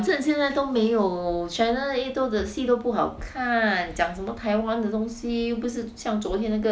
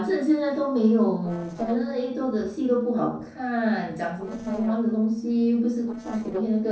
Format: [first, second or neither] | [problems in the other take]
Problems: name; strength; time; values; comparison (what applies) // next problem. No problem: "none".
first | noise reduction (neural separator model SepFormer DNS4)